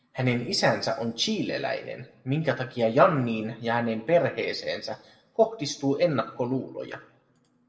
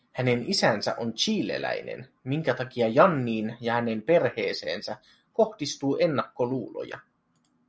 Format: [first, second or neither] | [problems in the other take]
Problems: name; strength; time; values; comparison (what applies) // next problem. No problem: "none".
second | room echo; dies away in 0.6 s